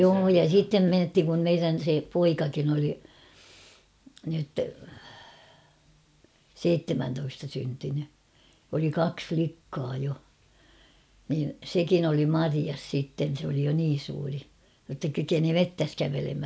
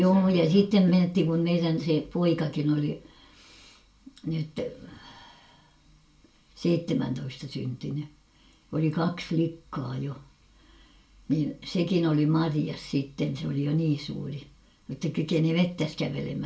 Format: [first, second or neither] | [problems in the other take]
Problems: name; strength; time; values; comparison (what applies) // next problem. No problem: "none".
first | room echo; dies away in 0.2 s